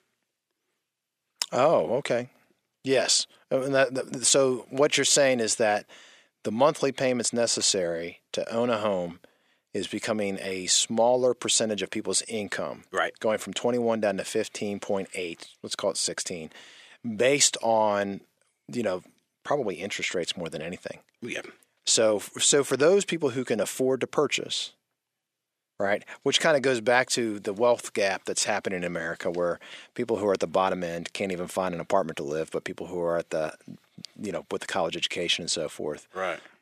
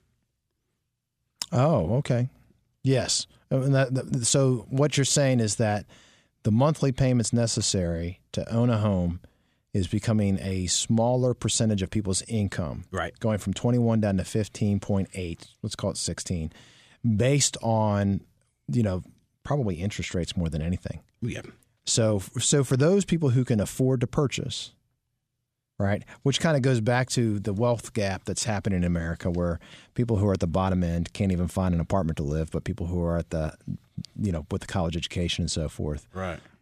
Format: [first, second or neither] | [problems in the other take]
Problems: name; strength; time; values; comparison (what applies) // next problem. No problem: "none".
second | thin; somewhat; fading below 400 Hz